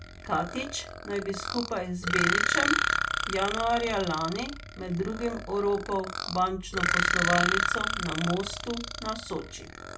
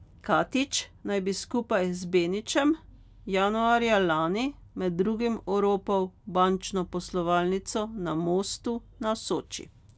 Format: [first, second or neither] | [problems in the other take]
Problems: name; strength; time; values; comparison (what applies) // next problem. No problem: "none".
second | background sound (Burping, eructation); as loud as the speech // room echo; dies away in 0.2 s